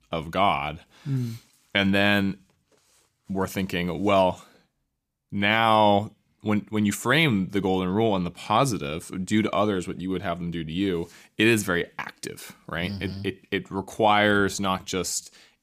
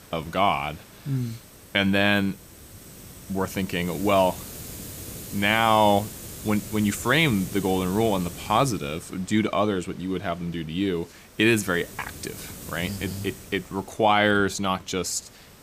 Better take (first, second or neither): first